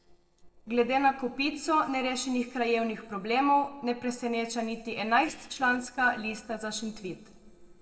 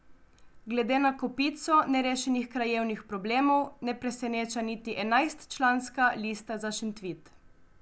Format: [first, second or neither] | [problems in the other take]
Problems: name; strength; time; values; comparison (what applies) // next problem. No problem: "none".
second | noise reduction (neural separator model SepFormer DNS4)